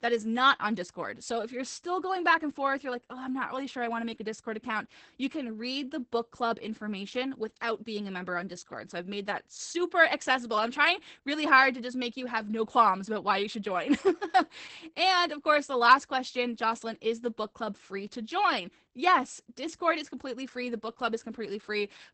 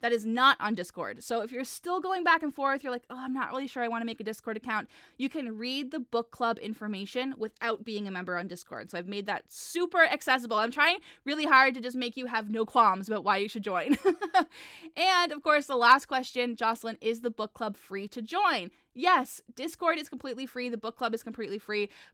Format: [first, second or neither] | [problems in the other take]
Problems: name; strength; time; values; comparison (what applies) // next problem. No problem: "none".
second | garbled, watery; badly; nothing above 8 kHz; slightly in the second